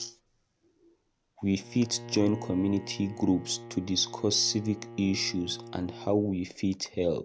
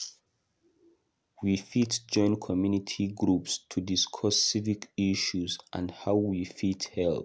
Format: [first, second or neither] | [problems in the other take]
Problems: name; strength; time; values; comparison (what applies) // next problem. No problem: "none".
second | background sound (Bowed string instrument); 16 dB below the speech